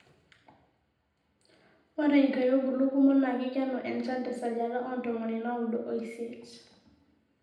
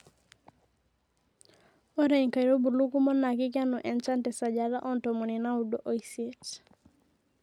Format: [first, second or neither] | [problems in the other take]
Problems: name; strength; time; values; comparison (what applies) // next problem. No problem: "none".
second | room echo; dies away in 0.8 s